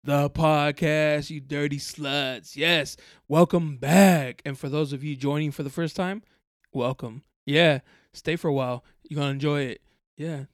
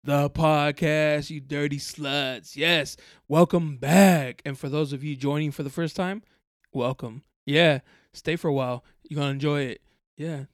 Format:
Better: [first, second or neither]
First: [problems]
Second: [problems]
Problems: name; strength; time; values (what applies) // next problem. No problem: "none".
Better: neither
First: none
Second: none